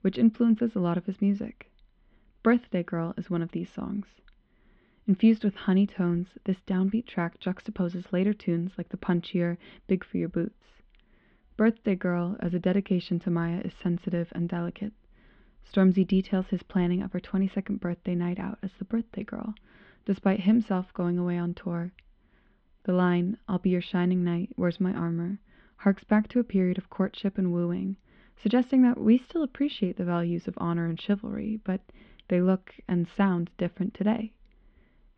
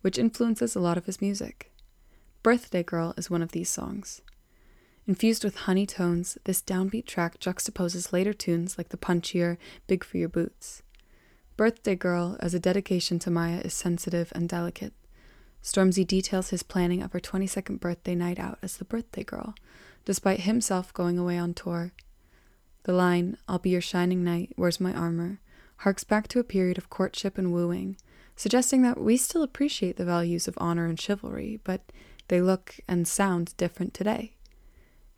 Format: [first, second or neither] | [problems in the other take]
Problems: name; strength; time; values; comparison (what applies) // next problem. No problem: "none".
second | muffled; very; fading above 3.5 kHz